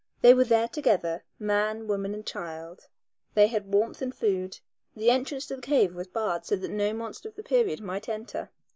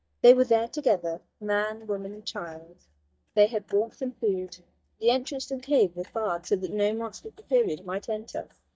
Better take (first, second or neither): first